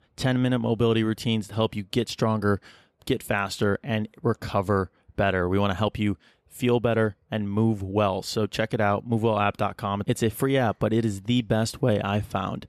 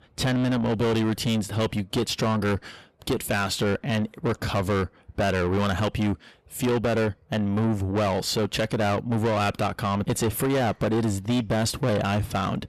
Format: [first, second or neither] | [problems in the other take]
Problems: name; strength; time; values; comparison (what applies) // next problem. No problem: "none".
first | distortion; heavy; 7 dB below the speech